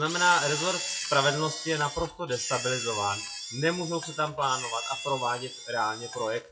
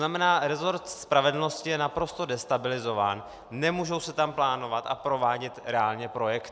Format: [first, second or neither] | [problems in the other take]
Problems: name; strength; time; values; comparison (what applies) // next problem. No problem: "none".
second | noise reduction (classical method WPE with log-MMSE)